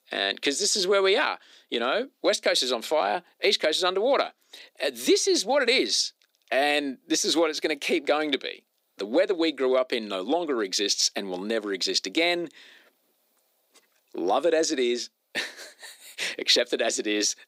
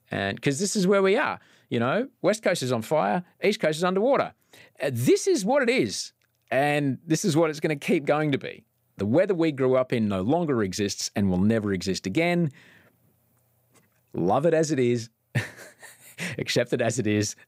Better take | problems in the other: second | thin; somewhat; fading below 300 Hz

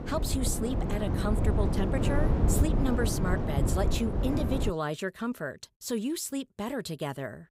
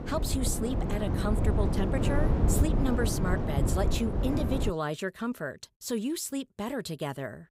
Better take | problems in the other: neither | wind noise on the microphone; heavy; until 4.5 s; 2 dB below the speech; the same in both

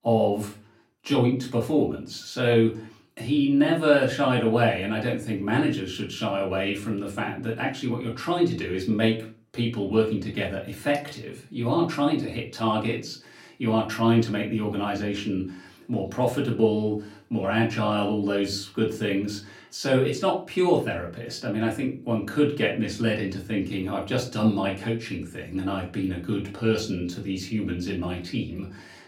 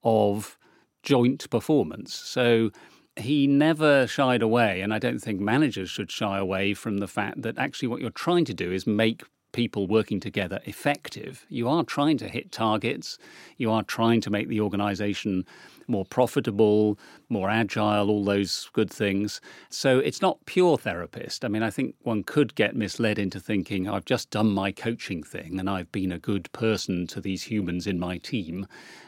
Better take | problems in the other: second | off-mic speech; far // room echo; very slight; dies away in 0.3 s

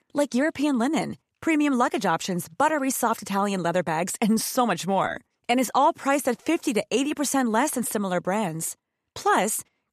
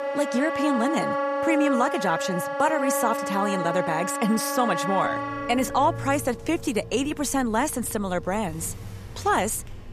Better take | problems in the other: first | background music; loud; throughout; 3 dB below the speech

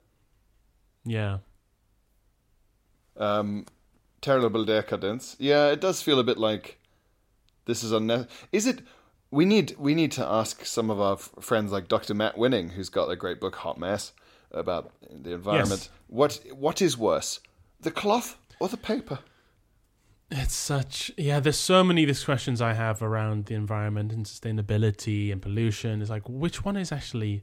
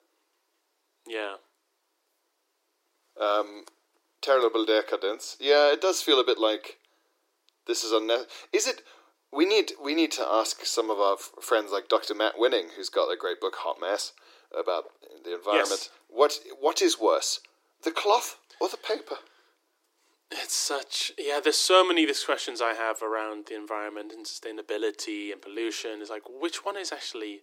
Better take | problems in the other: first | thin; very; fading below 300 Hz

